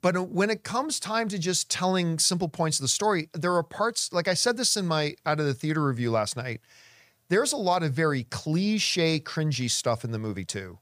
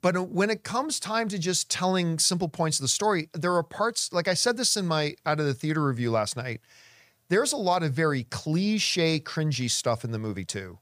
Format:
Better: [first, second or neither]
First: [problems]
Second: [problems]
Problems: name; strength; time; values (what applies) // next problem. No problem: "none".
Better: neither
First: none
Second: none